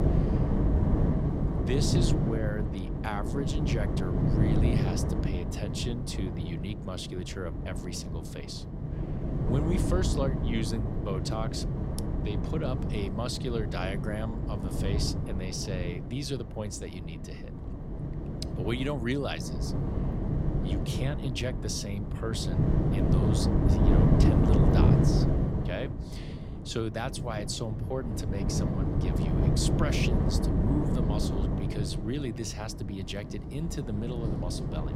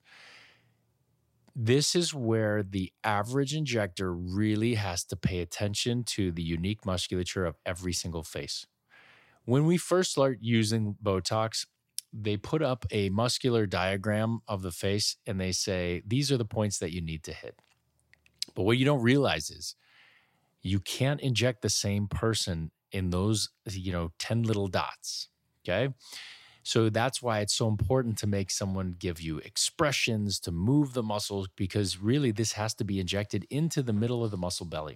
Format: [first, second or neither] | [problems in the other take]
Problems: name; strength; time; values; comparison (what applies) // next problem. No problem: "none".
second | wind noise on the microphone; heavy; as loud as the speech